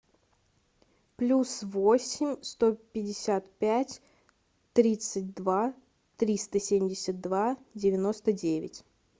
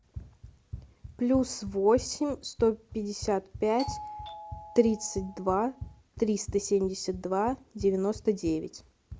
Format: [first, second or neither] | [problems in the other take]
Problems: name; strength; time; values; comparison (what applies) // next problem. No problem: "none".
first | background sound (Doorbell + Run); 14 dB below the speech